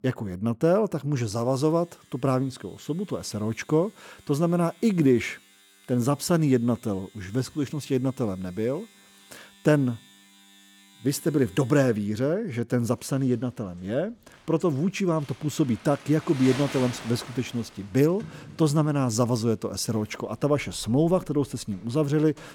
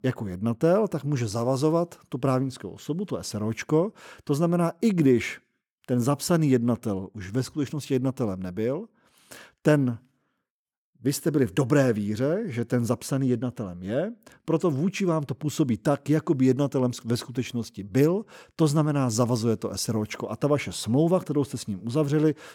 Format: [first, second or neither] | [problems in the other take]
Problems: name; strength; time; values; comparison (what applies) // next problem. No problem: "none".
second | household noises; faint; throughout; 20 dB below the speech